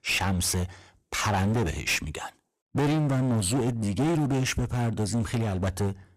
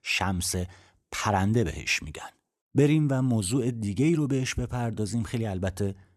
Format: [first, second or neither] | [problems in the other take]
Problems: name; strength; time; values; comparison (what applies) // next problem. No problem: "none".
second | distortion; heavy; 21% of the sound clipped